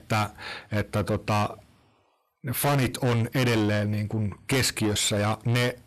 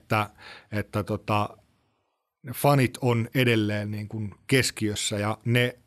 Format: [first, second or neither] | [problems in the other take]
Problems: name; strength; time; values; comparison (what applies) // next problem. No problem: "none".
second | distortion; heavy; 6 dB below the speech